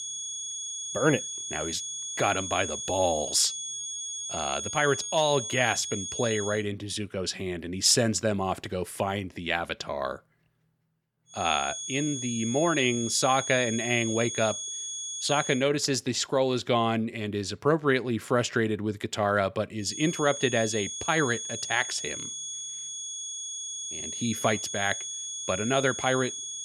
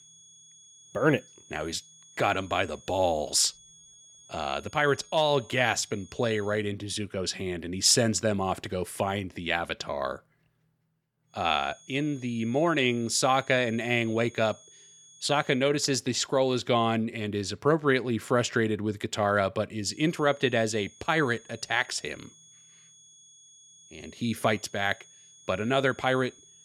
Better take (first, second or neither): second